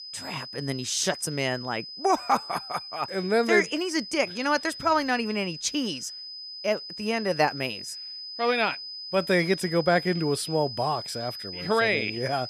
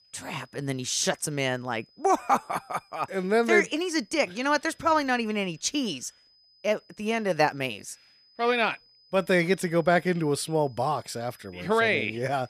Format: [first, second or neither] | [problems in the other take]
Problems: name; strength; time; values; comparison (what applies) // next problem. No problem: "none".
second | high-pitched whine; loud; throughout; 5 kHz, 10 dB below the speech; faint in the second